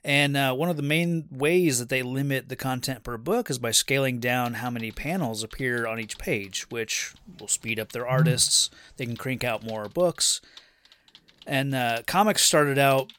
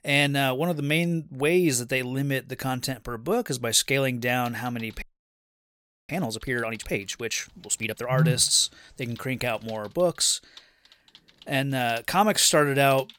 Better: first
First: none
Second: audio freezing; at 5 s for 1 s

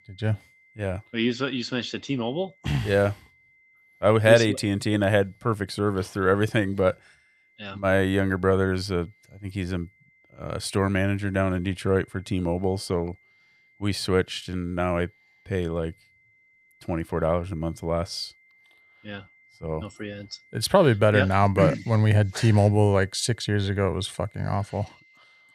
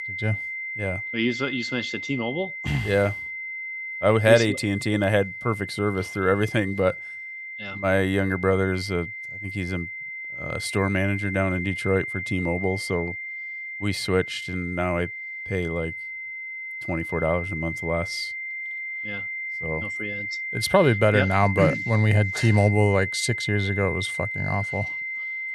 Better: first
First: high-pitched whine; faint; throughout; 2 kHz, 35 dB below the speech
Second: high-pitched whine; loud; throughout; 2 kHz, 6 dB below the speech

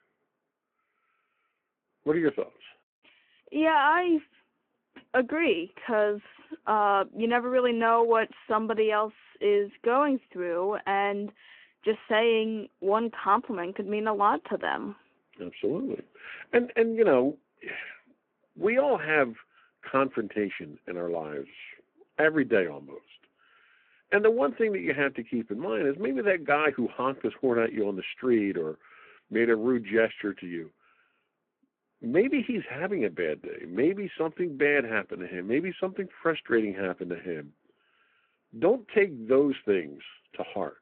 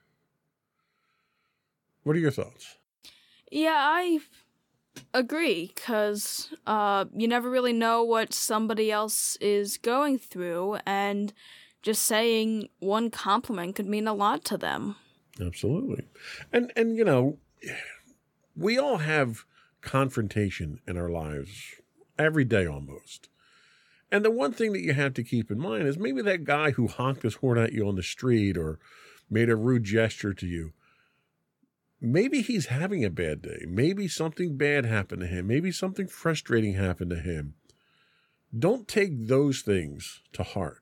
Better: second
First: phone-call audio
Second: none

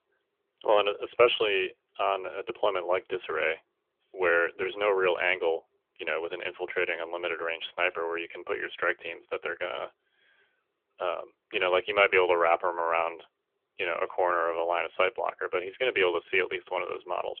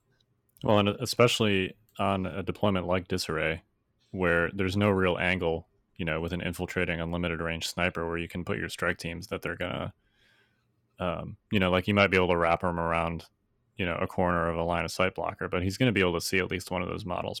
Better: second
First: phone-call audio; nothing above 3 kHz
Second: none

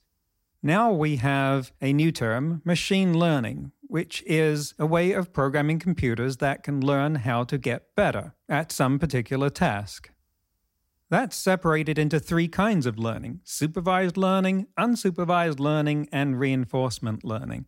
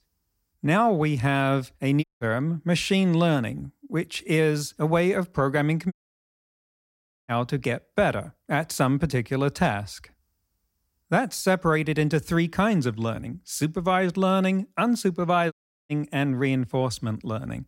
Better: first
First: none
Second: audio cutting out; at 2 s, at 6 s for 1.5 s and at 16 s

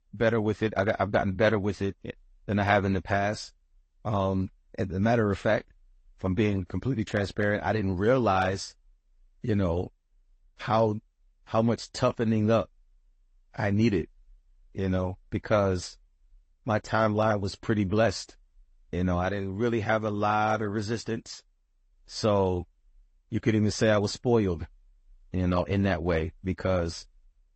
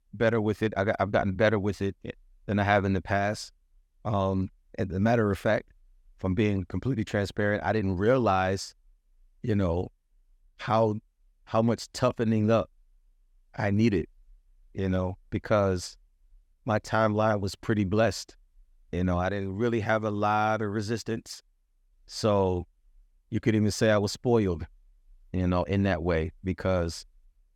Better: second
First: garbled, watery; slightly; nothing above 8 kHz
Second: none

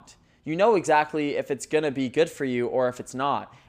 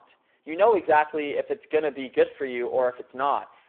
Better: first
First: none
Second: phone-call audio; poor line

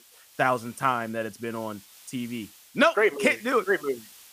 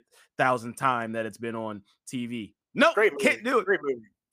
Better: second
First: hiss; faint; throughout; 25 dB below the speech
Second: none

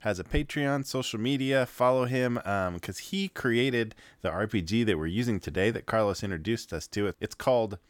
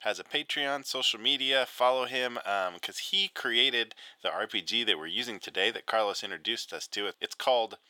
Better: first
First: none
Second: thin; somewhat; fading below 500 Hz

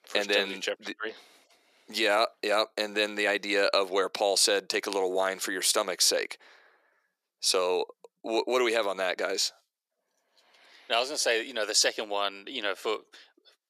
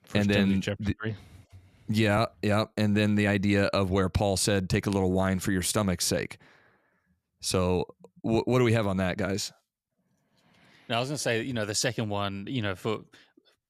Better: second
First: thin; very; fading below 400 Hz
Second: none

